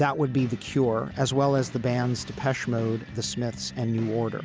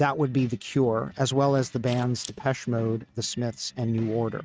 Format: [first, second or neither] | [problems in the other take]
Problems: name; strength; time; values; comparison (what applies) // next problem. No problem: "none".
first | noise reduction (neural mask model RNNoise)